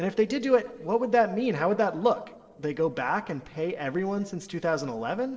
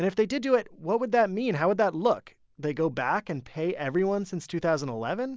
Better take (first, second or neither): second